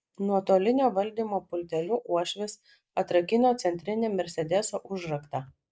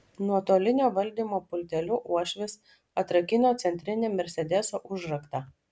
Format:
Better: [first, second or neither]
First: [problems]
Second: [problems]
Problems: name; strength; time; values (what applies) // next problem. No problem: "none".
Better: second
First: noise reduction (neural mask model Resemble Enhance denoiser)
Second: none